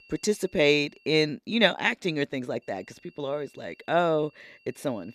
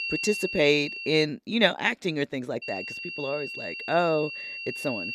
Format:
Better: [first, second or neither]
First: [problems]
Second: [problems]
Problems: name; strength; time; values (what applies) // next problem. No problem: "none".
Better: first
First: high-pitched whine; faint; until 1.5 s and from 2.5 s on; 2.5 kHz, 30 dB below the speech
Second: high-pitched whine; loud; until 1.5 s and from 2.5 s on; 2.5 kHz, 7 dB below the speech